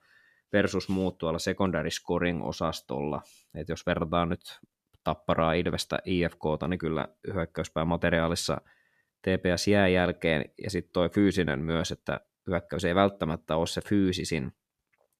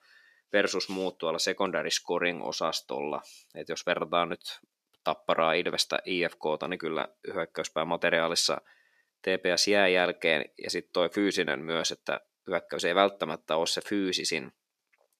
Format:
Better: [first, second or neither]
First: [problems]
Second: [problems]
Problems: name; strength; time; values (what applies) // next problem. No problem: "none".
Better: first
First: none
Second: thin; somewhat; fading below 350 Hz